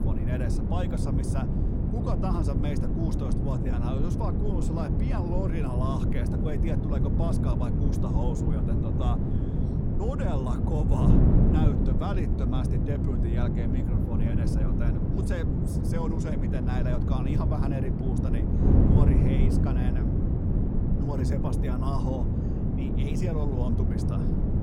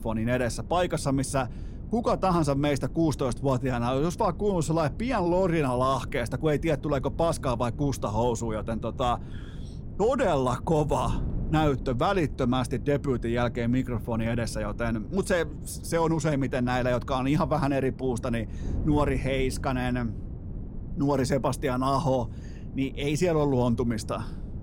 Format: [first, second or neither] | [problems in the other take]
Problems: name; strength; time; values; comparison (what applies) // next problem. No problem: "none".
second | wind noise on the microphone; heavy; 2 dB above the speech; occasional gusts in the second